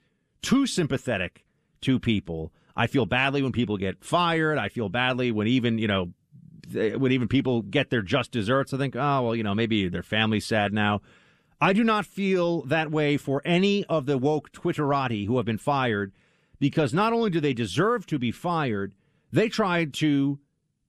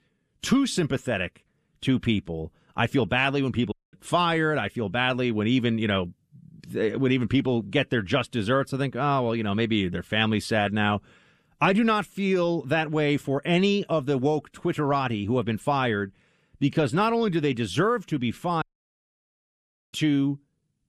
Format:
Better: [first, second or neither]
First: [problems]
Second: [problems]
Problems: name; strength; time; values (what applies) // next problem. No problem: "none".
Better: first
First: none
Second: audio cutting out; at 3.5 s and at 19 s for 1.5 s